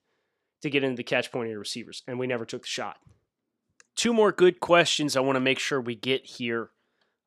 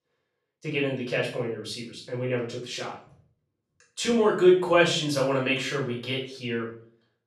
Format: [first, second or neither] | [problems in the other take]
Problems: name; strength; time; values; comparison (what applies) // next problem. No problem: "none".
first | off-mic speech; far // room echo; noticeable; dies away in 0.5 s